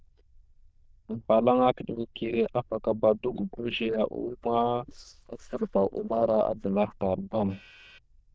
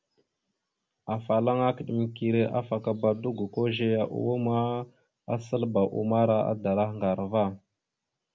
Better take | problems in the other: second | noise reduction (neural diffusion model UNIVERSE++)

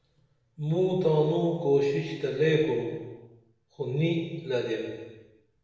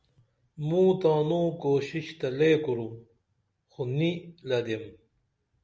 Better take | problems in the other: second | room echo; dies away in 1.2 s

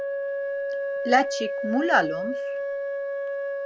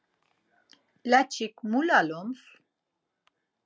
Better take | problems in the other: second | background sound (Wind instrument, woodwind instrument); 1 dB below the speech

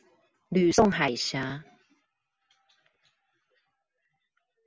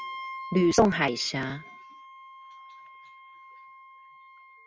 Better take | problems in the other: first | background sound (Wind instrument, woodwind instrument); 14 dB below the speech

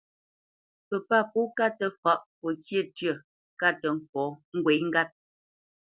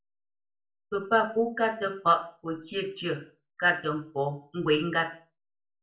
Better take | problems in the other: first | room echo; dies away in 0.4 s

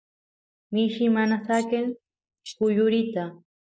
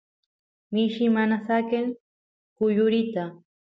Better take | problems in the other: second | noise reduction (neural mask model Resemble Enhance denoiser)

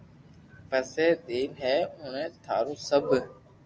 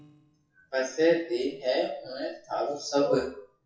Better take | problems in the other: first | noise reduction (classical method WPE with log-MMSE)

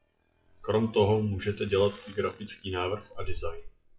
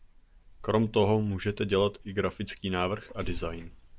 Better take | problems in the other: second | noise reduction (classical method WPE with log-MMSE)

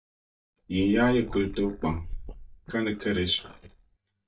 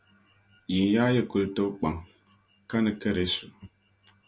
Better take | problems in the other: second | noise reduction (neural mask model DeepFilterNet 3)

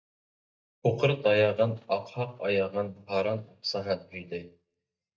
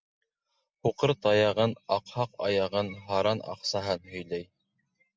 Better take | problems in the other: second | noise reduction (neural mask model DeepFilterNet 3)

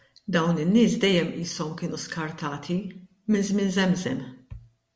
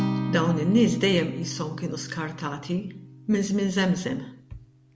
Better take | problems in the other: first | background sound (Acoustic guitar); 8 dB below the speech

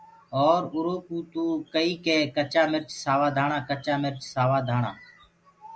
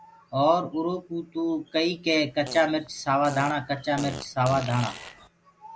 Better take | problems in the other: first | background sound (Fart); 14 dB below the speech

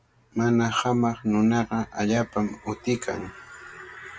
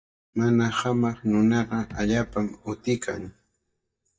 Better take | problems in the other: first | noise reduction (neural mask model DeepFilterNet 3)

